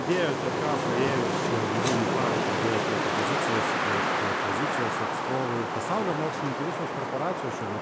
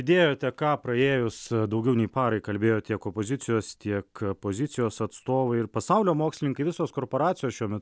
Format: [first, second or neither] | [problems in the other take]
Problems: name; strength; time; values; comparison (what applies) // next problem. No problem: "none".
second | background sound (Wind); 4 dB above the speech